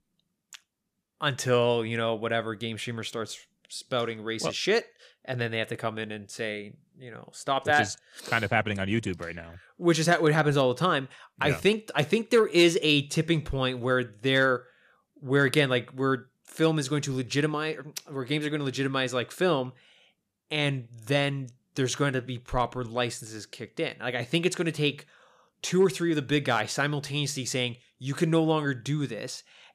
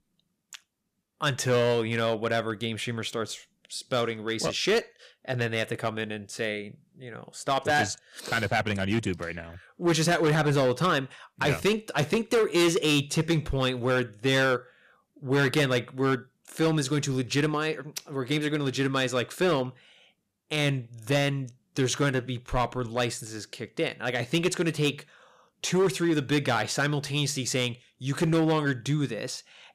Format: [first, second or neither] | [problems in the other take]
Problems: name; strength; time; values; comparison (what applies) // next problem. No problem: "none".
first | distortion; slight; 6% of the sound clipped